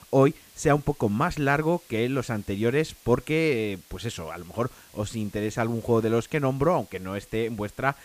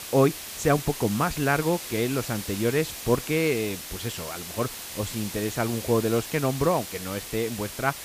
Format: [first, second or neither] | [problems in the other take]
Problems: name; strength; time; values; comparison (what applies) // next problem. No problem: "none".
first | hiss; loud; throughout; 8 dB below the speech; faint in the first